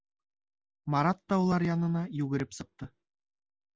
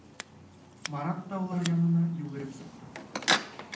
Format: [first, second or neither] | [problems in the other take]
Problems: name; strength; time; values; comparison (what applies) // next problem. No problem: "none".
first | background sound (Scissors); 4 dB below the speech // room echo; dies away in 0.6 s